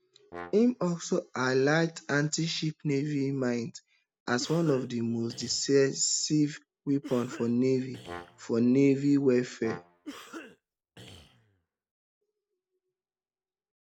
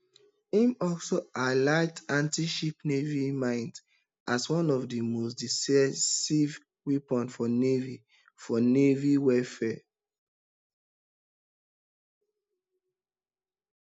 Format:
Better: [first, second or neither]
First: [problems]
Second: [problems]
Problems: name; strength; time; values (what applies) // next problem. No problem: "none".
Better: second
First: background sound (Cough + Brass instrument); 18 dB below the speech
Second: none